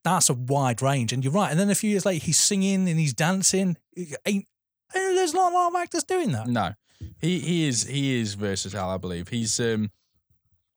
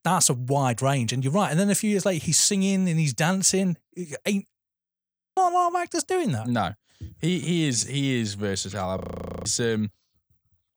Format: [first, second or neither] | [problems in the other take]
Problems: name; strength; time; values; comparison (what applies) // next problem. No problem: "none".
first | audio freezing; at 5 s for 0.5 s and at 9 s